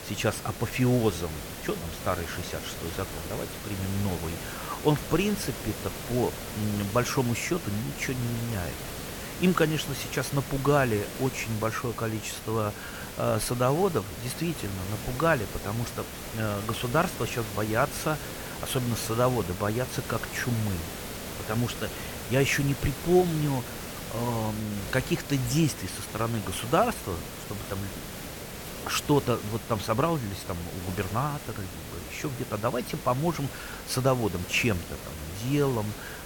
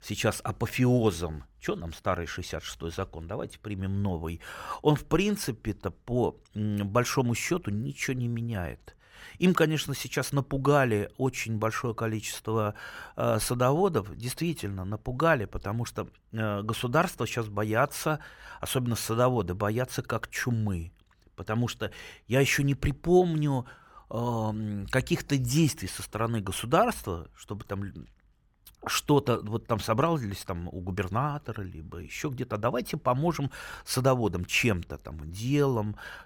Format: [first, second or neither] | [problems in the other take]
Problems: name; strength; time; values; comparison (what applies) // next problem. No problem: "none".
second | hiss; loud; throughout; 8 dB below the speech